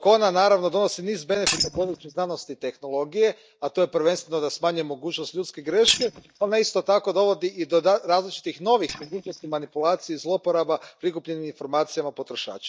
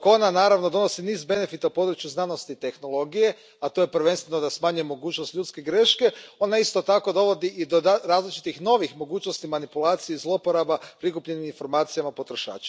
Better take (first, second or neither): second